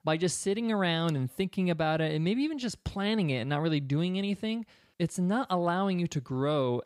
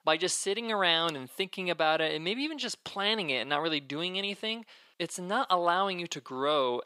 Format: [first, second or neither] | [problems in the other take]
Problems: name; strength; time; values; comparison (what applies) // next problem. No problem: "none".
first | thin; somewhat; fading below 400 Hz